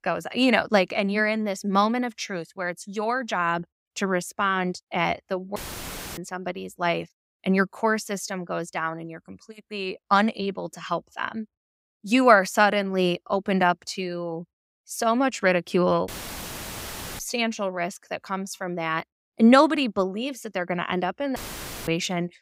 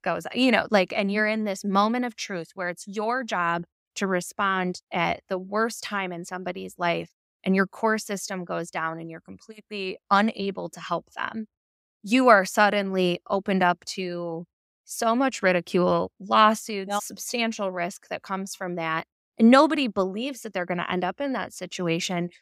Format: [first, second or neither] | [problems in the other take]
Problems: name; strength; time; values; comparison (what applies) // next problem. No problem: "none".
second | audio cutting out; filled with static; at 5.5 s for 0.5 s, at 16 s for 1 s and at 21 s for 0.5 s